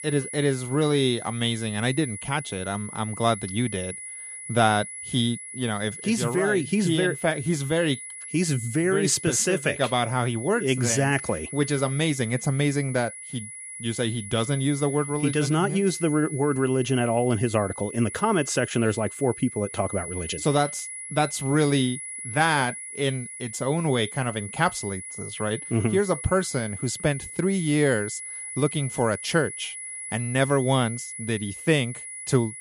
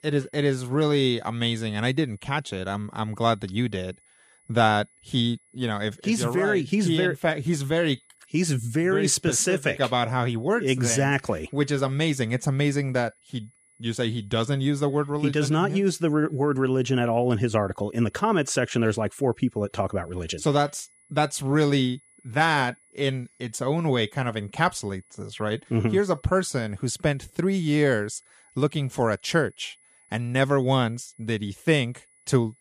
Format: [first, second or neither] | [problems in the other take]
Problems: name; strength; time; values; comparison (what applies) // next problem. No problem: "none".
second | high-pitched whine; loud; throughout; 10 kHz, 10 dB below the speech; faint in the second